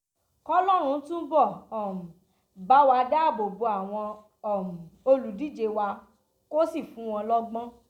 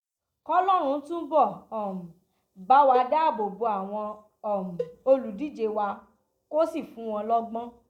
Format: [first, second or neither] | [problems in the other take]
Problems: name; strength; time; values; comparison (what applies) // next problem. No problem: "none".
first | noise reduction (neural mask model DeepFilterNet 3)